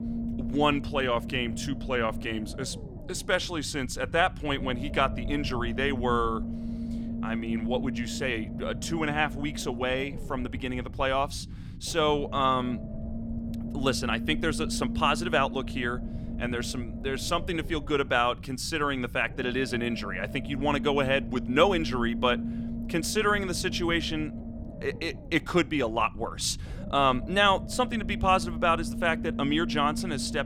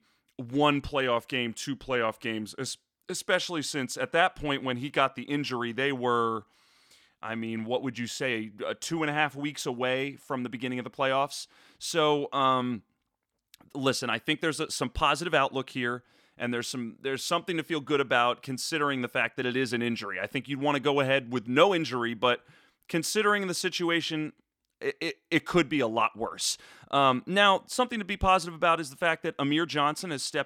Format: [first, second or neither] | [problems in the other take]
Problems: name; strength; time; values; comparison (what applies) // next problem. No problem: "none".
second | low rumble; noticeable; throughout; 15 dB below the speech